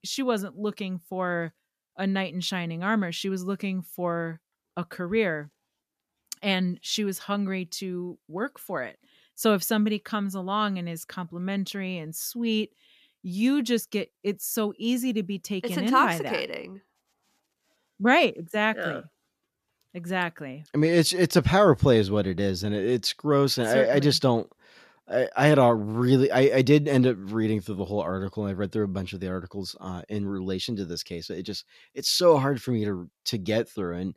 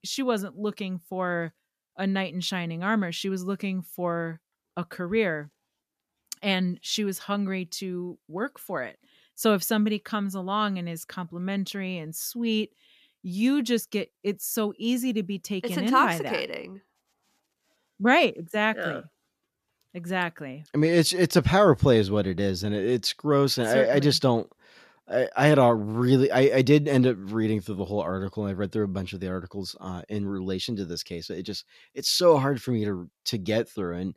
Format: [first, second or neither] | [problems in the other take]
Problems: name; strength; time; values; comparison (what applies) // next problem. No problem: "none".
neither | none